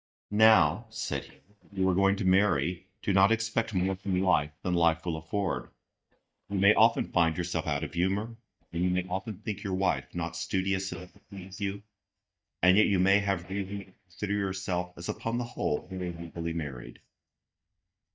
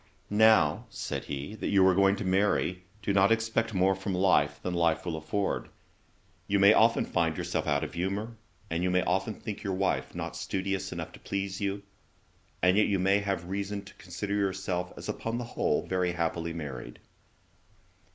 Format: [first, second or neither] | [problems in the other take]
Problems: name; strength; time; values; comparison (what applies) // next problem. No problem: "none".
second | noise reduction (neural mask model DeepFilterNet 3)